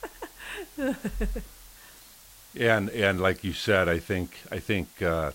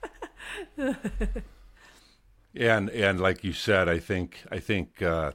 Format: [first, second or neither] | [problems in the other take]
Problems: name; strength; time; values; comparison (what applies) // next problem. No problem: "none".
second | hiss; faint; throughout; 20 dB below the speech